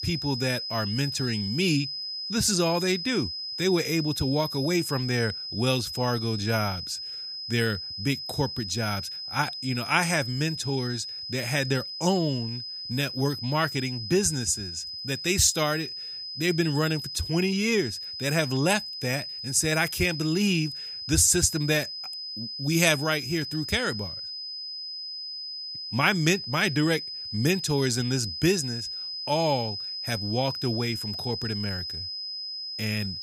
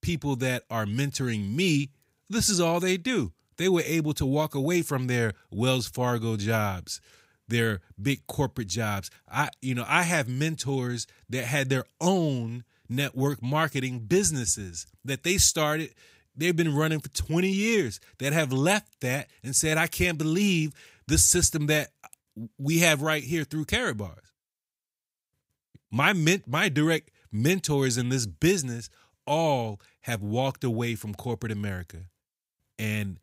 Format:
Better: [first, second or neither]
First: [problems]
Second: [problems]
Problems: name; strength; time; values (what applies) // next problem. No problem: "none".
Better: second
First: high-pitched whine; loud; throughout; 5 kHz, 6 dB below the speech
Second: none